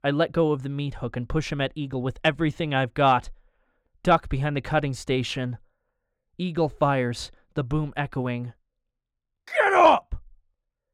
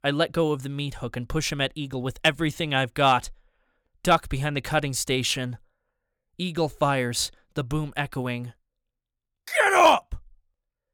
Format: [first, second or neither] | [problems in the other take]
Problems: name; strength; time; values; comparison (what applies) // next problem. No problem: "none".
second | muffled; slightly; fading above 1.5 kHz